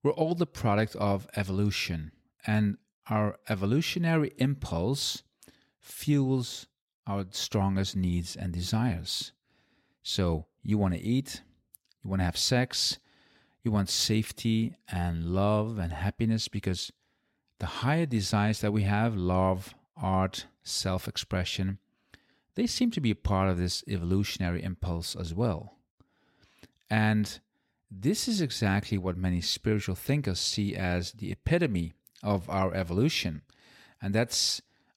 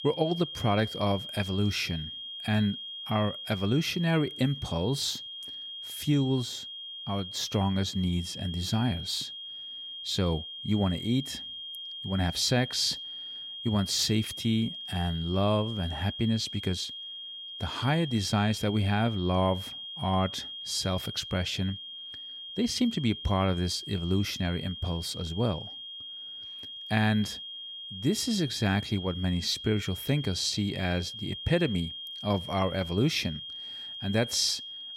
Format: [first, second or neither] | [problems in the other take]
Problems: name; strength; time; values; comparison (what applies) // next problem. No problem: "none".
first | high-pitched whine; loud; throughout; 3 kHz, 9 dB below the speech